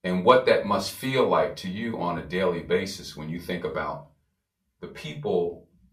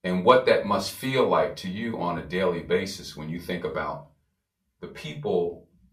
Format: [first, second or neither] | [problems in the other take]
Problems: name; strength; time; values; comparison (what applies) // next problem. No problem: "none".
neither | off-mic speech; far; the same in both // room echo; very slight; dies away in 0.2 s; the same in both